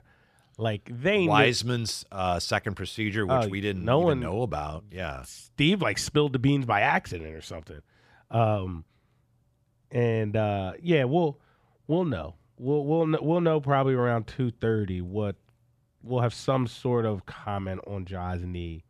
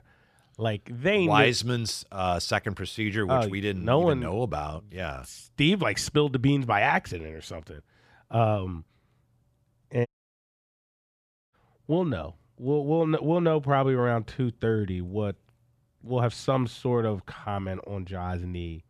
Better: first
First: none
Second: audio cutting out; at 10 s for 1.5 s

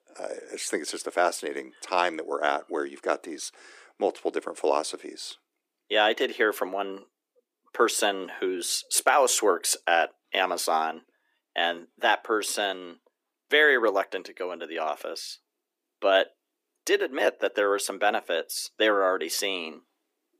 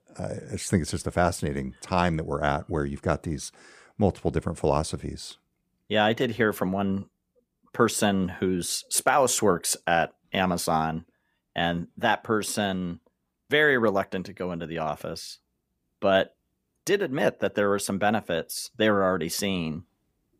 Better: second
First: thin; very; fading below 300 Hz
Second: none

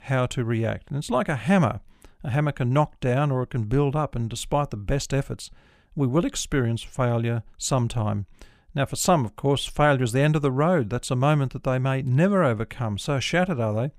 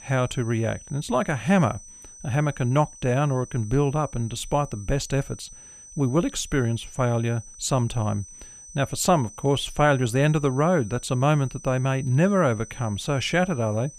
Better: first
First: none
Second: high-pitched whine; noticeable; throughout; 6 kHz, 20 dB below the speech

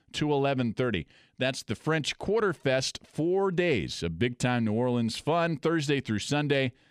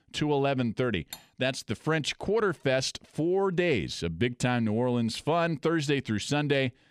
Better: first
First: none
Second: clattering dishes; faint; at 1 s; peak 15 dB below the speech

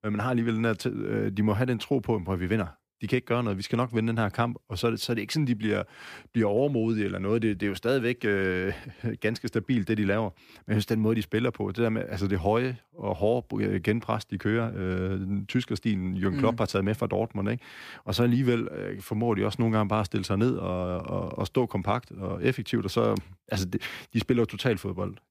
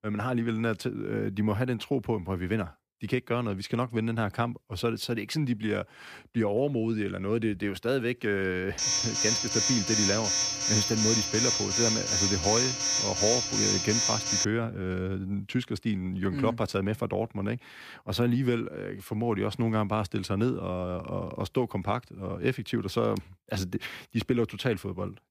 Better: first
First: none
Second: alarm; loud; from 9 to 14 s; peak 5 dB above the speech

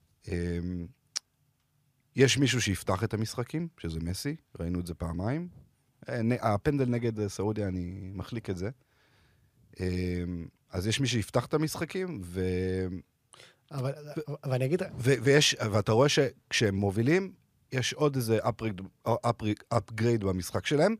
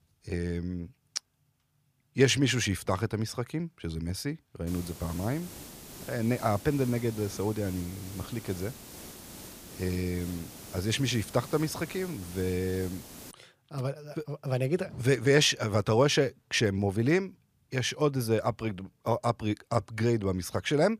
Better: first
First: none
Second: hiss; noticeable; from 4.5 to 13 s; 15 dB below the speech

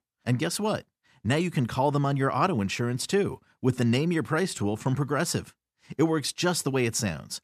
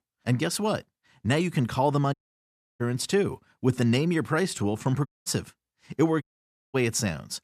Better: first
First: none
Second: audio cutting out; at 2 s for 0.5 s, at 5 s and at 6 s for 0.5 s

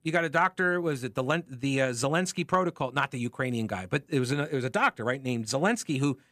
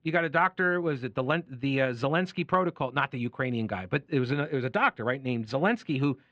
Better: first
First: none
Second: muffled; slightly; fading above 3.5 kHz

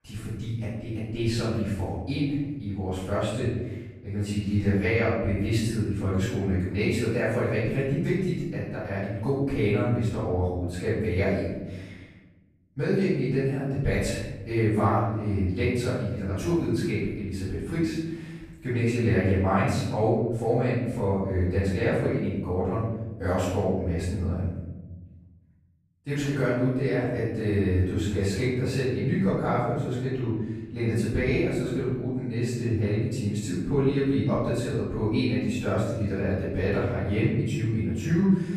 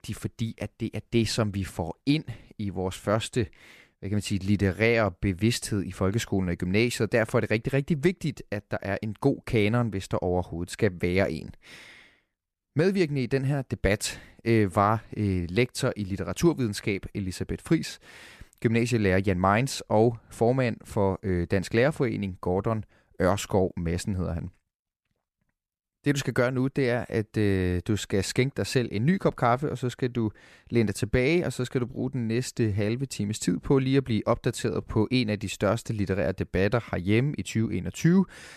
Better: second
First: off-mic speech; far // room echo; strong; dies away in 1.3 s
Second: none

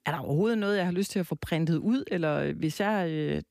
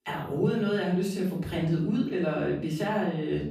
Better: first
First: none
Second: off-mic speech; far // room echo; noticeable; dies away in 0.6 s

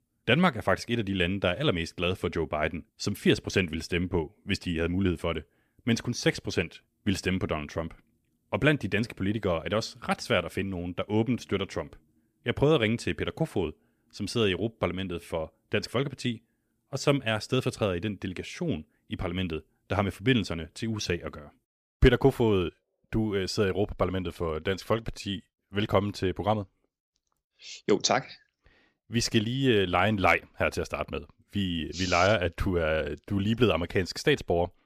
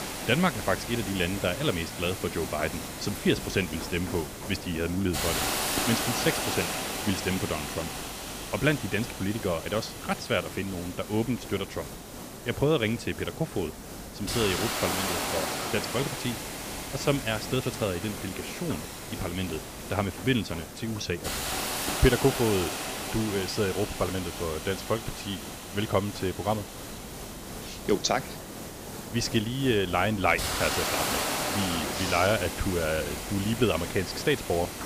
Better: first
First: none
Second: hiss; loud; throughout; 4 dB below the speech

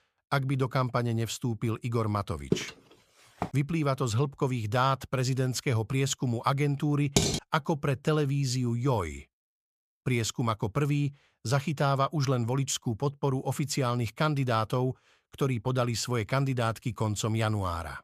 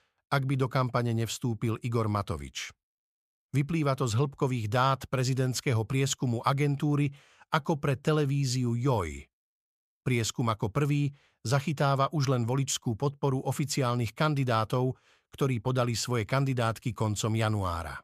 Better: second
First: footsteps; noticeable; at 2.5 s; peak 4 dB below the speech // clattering dishes; loud; at 7 s; peak 3 dB above the speech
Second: none

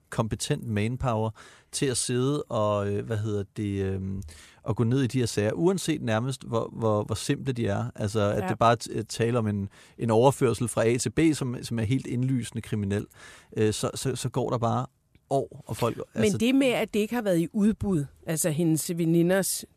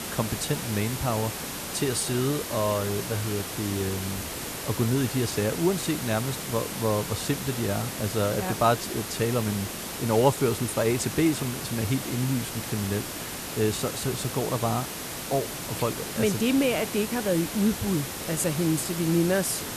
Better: first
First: none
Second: hiss; loud; throughout; 5 dB below the speech

